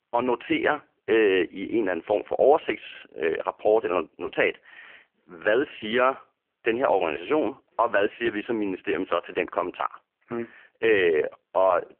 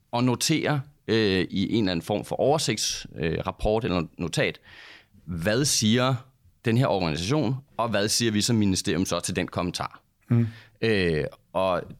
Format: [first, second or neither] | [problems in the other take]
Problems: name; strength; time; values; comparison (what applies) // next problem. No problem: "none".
second | phone-call audio; poor line; nothing above 3 kHz